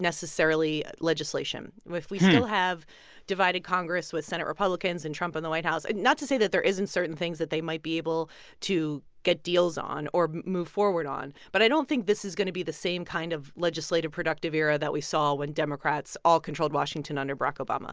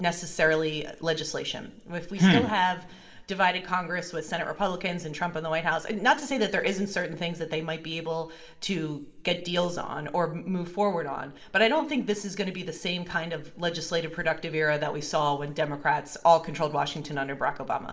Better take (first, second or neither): first